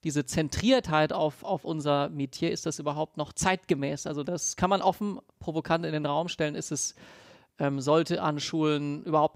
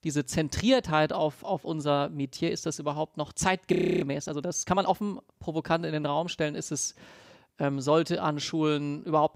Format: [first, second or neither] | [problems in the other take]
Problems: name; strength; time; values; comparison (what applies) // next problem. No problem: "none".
first | audio freezing; at 3.5 s